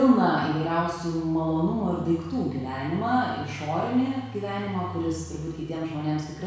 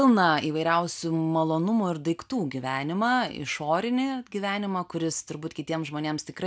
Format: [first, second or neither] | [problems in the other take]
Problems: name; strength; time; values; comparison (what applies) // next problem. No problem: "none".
second | background sound (Engine); 16 dB below the speech // room echo; dies away in 1.1 s